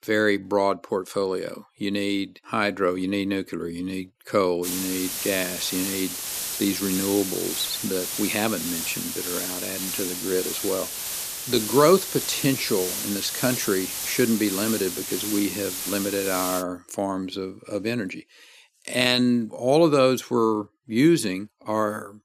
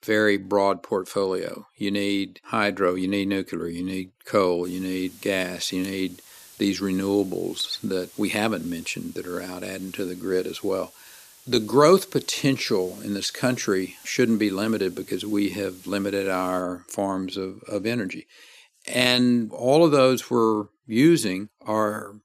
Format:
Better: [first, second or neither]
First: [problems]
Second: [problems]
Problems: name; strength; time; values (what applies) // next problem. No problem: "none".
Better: second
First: hiss; loud; from 4.5 to 17 s; 3 dB below the speech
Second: hiss; faint; from 4.5 to 17 s; 20 dB below the speech